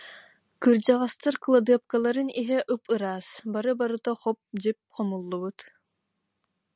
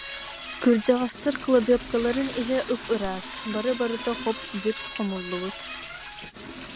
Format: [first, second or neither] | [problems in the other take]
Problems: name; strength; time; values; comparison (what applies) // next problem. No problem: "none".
first | background sound (Toilet flush / Door); 11 dB below the speech